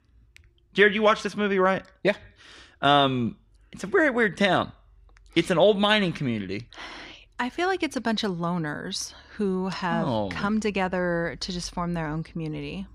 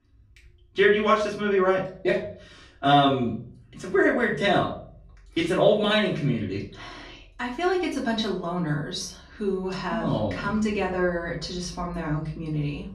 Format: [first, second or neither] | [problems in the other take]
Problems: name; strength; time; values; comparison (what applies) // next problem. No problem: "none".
first | off-mic speech; far // room echo; slight; dies away in 0.5 s